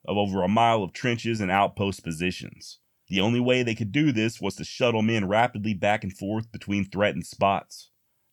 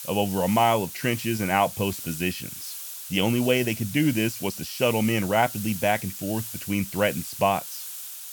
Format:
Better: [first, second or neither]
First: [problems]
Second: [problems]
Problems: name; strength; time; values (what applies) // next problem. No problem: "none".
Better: first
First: none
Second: hiss; loud; throughout; 9 dB below the speech